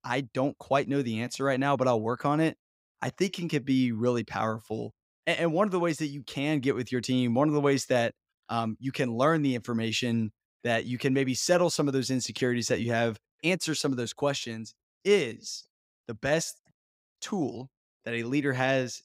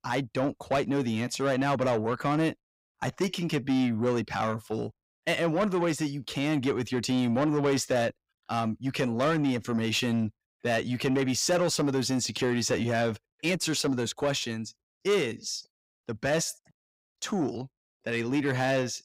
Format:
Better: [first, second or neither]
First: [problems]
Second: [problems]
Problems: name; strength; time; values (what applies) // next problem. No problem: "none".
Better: first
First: none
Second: distortion; slight; 10 dB below the speech